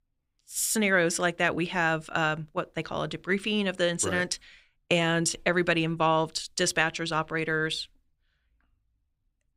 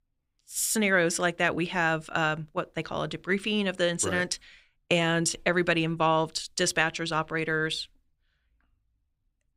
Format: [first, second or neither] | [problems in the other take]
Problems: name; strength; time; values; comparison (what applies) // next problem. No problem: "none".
neither | none